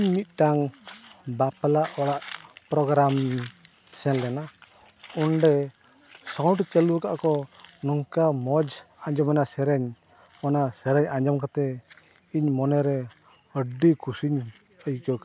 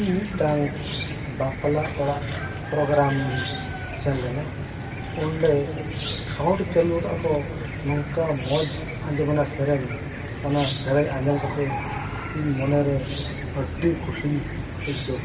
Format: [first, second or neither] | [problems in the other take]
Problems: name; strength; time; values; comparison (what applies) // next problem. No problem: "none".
first | background sound (Cricket / Chicken, rooster); 6 dB below the speech // room echo; dies away in 2.4 s